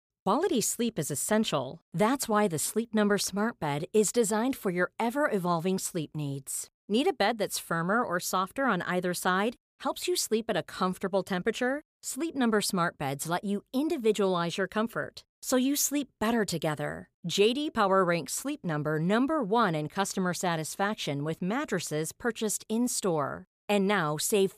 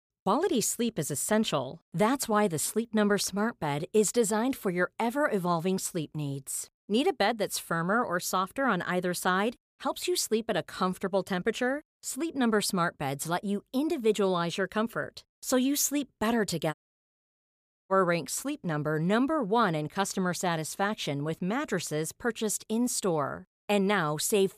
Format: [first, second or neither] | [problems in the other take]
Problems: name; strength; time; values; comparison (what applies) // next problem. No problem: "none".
first | audio cutting out; at 17 s for 1 s